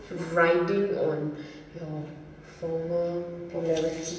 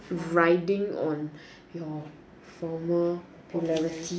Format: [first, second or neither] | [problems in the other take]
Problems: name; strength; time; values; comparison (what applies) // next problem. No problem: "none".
second | room echo; dies away in 1.2 s